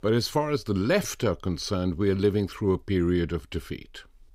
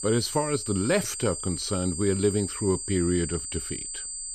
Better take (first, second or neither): first